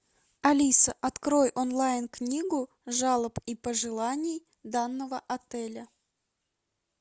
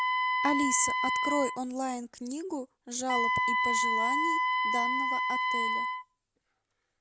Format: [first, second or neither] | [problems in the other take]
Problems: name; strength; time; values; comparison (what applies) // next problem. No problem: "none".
first | background sound (Wind instrument, woodwind instrument); 5 dB above the speech